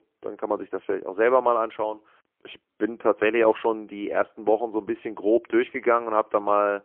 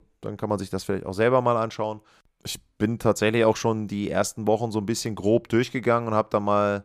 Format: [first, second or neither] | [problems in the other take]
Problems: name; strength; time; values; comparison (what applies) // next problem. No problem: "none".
second | phone-call audio; poor line; nothing above 3 kHz